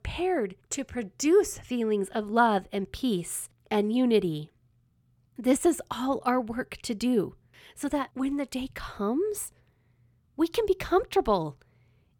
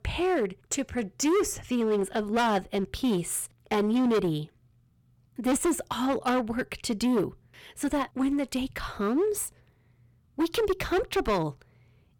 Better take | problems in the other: first | distortion; heavy; 10% of the sound clipped

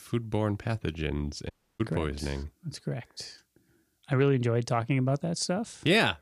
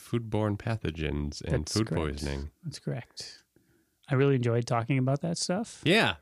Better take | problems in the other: second | audio cutting out; at 1.5 s

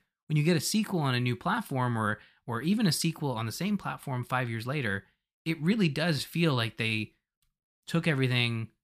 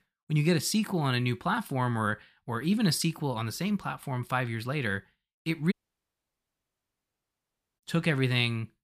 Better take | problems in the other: first | audio cutting out; at 5.5 s for 2 s

